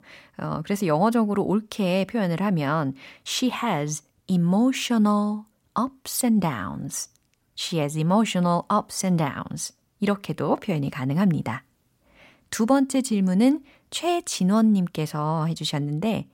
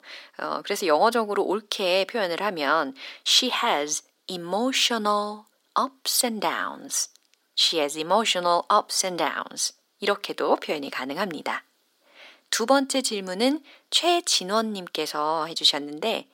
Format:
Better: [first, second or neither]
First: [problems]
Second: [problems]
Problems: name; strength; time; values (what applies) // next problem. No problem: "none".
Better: first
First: none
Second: thin; somewhat; fading below 350 Hz